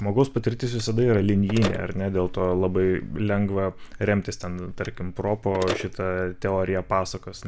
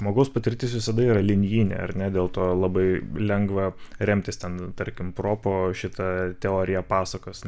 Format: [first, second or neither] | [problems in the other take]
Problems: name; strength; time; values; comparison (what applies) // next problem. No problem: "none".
second | background sound (Telephone); 15 dB below the speech